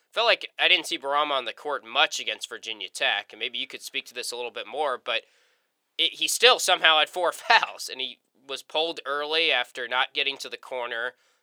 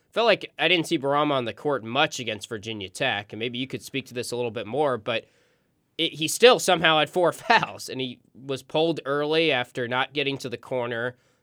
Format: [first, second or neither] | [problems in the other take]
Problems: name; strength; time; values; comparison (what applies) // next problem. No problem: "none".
second | thin; very; fading below 700 Hz